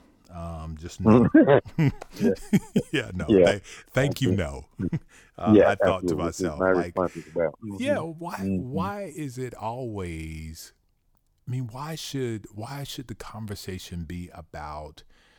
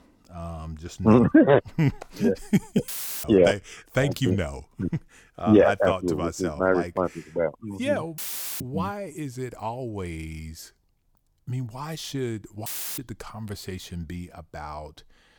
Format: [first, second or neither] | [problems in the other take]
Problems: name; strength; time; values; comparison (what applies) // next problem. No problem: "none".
first | audio cutting out; filled with static; at 3 s, at 8 s and at 13 s